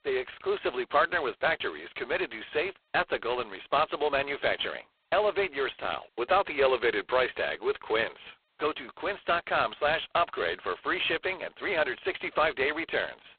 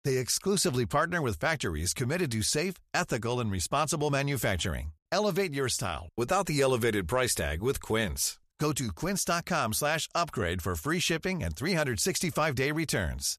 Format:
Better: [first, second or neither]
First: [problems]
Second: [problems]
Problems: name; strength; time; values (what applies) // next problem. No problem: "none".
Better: second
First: phone-call audio; poor line; nothing above 4 kHz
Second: none